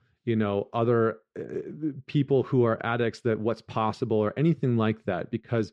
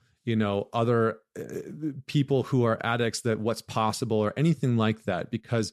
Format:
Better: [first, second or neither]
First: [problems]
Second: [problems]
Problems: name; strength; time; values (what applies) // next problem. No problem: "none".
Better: second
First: muffled; slightly; fading above 3 kHz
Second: none